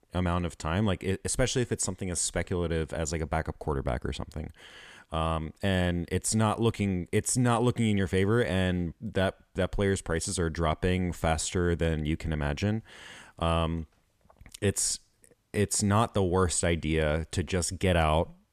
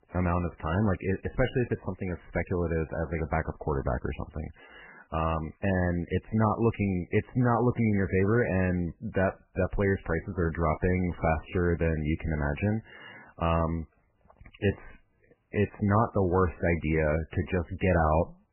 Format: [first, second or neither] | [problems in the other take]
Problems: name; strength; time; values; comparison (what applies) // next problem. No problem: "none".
first | garbled, watery; badly; nothing above 3 kHz